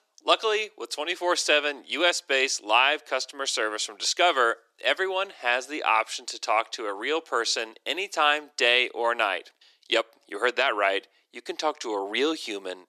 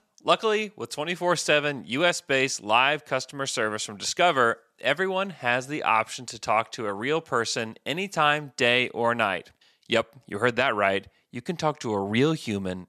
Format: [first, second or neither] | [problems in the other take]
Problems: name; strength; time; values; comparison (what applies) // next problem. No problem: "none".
second | thin; somewhat; fading below 300 Hz